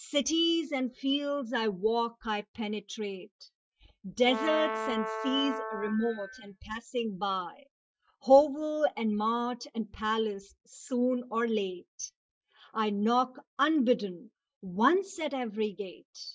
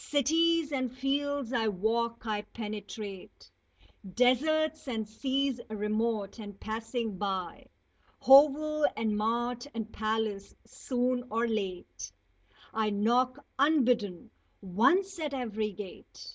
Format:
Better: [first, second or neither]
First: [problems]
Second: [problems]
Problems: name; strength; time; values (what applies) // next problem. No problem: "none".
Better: second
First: noise reduction (classical method Wiener filter)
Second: none